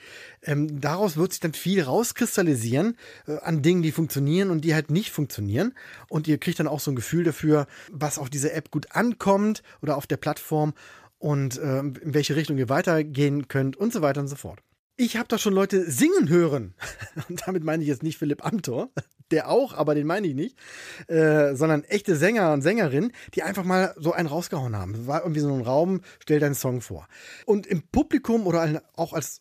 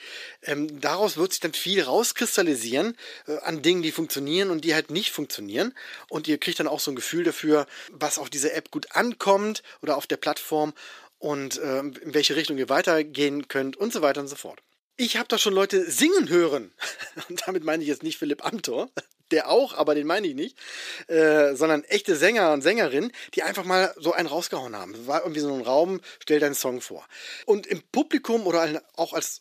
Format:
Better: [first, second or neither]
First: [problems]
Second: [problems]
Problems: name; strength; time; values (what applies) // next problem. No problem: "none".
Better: first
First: none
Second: thin; somewhat; fading below 300 Hz